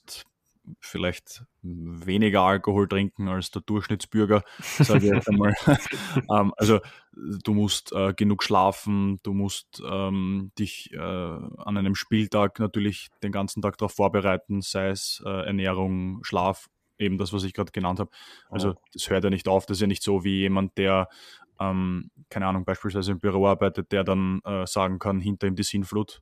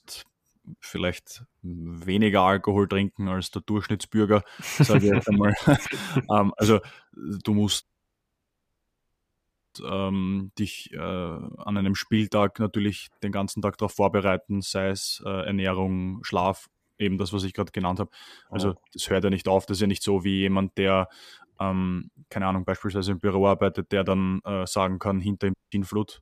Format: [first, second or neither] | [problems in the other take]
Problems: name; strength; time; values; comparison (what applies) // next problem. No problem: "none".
first | audio cutting out; at 8 s for 2 s and at 26 s